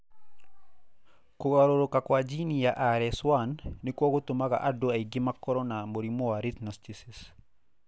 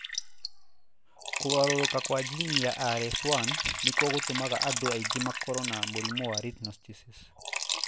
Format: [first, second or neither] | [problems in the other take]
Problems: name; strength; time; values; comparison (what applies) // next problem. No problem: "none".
first | background sound (Liquid); as loud as the speech